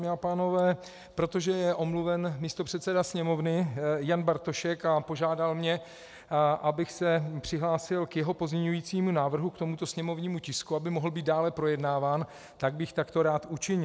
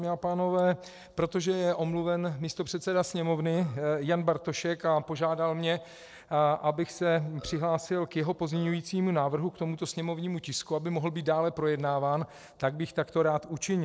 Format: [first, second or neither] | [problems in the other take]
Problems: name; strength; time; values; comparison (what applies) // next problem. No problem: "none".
first | noise reduction (neural separator model SepFormer DNS4)